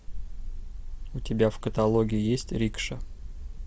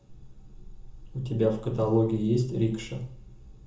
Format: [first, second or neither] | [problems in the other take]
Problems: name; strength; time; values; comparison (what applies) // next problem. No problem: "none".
first | room echo; dies away in 0.6 s